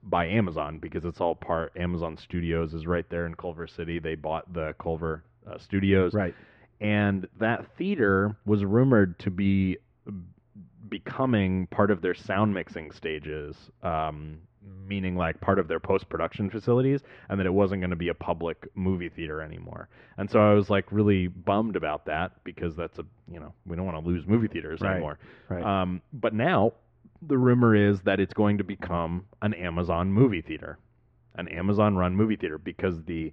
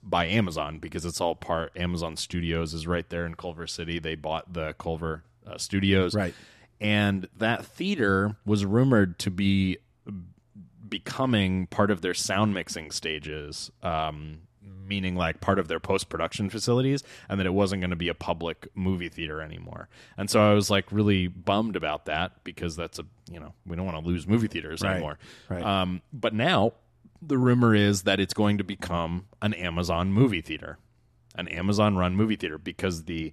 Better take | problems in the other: second | muffled; very; fading above 2 kHz

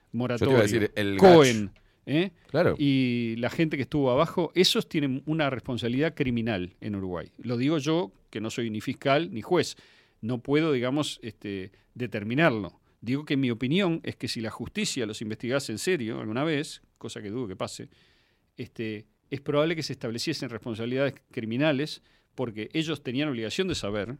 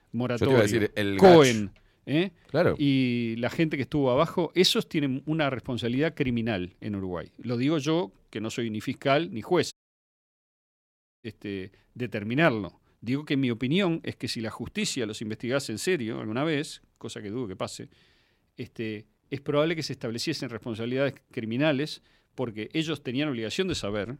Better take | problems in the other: first | audio cutting out; at 9.5 s for 1.5 s

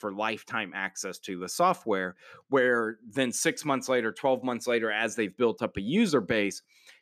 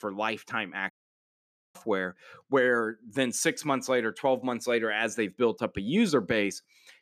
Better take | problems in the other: first | audio cutting out; at 1 s for 1 s

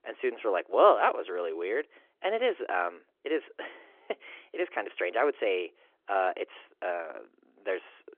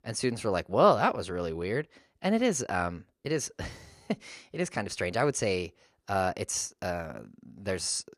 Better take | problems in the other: second | phone-call audio

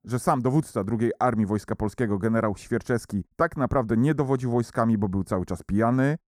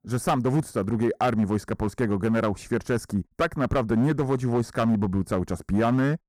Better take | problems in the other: first | distortion; slight; 7% of the sound clipped

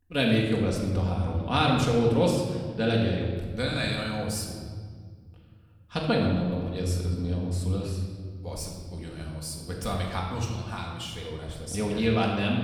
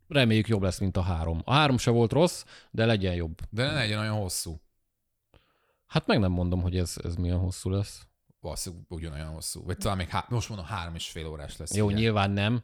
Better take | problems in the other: second | room echo; noticeable; dies away in 1.5 s // off-mic speech; somewhat distant

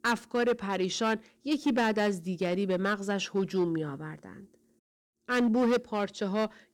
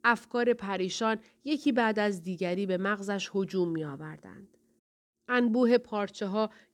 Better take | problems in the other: second | distortion; slight; 6% of the sound clipped

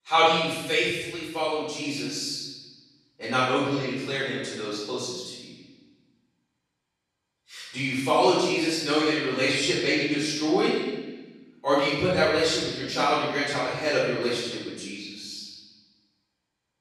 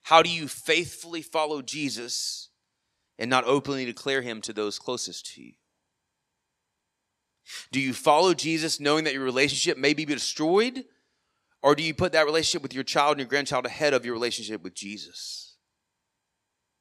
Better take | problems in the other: second | off-mic speech; far // room echo; strong; dies away in 1.3 s

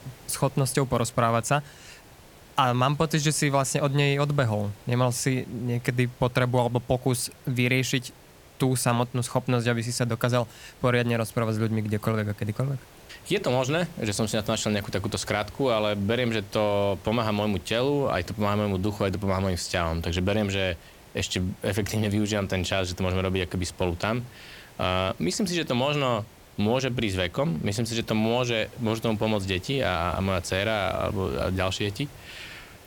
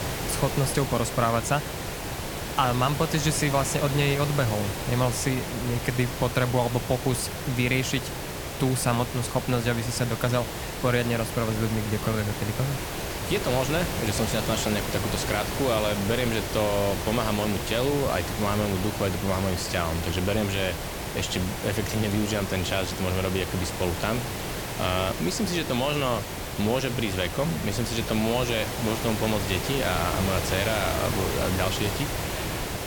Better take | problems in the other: first | hiss; loud; throughout; 4 dB below the speech; faint in the first

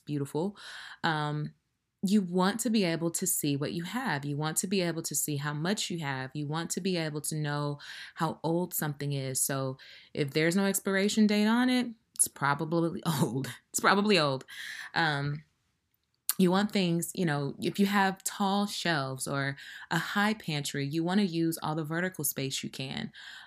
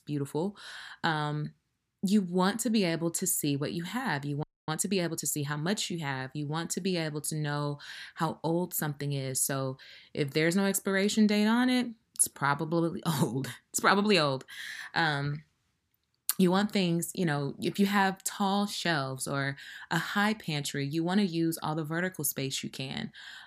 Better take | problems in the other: first | audio freezing; at 4.5 s

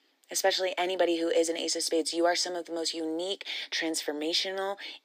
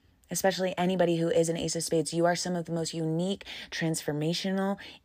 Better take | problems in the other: second | thin; very; fading below 300 Hz

